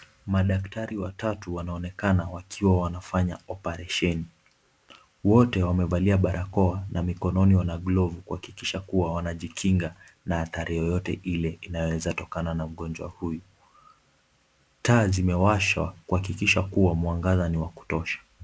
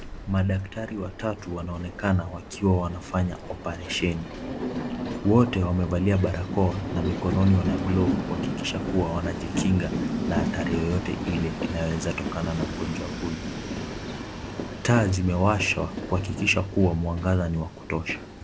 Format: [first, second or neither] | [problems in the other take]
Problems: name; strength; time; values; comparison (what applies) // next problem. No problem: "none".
first | background sound (Train); 6 dB below the speech